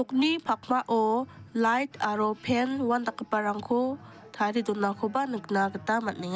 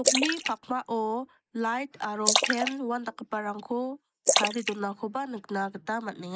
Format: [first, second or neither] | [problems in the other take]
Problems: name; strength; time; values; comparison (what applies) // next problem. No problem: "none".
first | noise reduction (neural mask model Resemble Enhance denoiser)